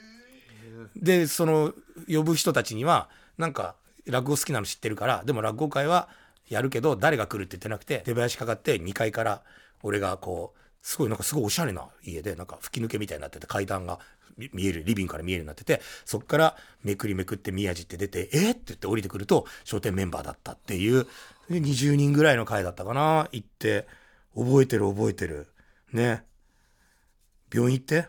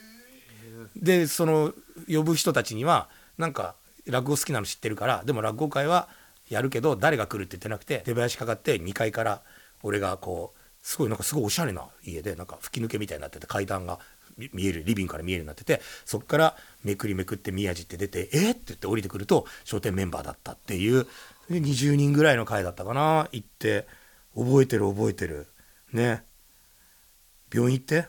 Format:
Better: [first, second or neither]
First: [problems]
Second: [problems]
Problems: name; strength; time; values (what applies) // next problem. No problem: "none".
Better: first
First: none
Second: hiss; faint; throughout; 30 dB below the speech